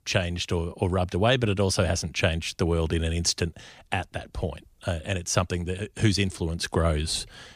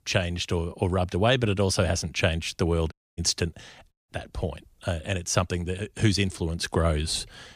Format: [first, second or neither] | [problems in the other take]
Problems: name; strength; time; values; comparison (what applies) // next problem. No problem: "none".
first | audio cutting out; at 3 s and at 4 s